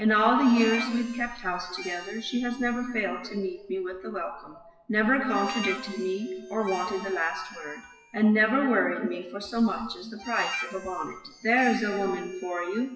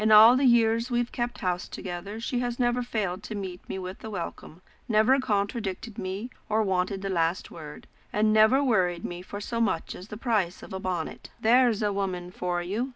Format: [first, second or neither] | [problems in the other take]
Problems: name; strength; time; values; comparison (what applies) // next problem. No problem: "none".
second | noise reduction (classical method WPE with log-MMSE)